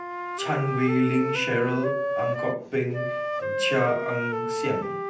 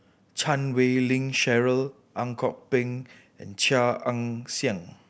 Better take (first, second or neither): second